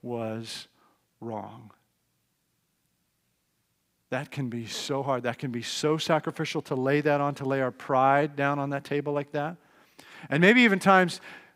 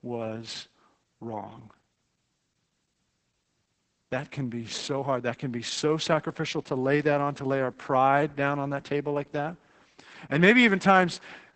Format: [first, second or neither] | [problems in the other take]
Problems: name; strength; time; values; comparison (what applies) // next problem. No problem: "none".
first | garbled, watery; badly; nothing above 8 kHz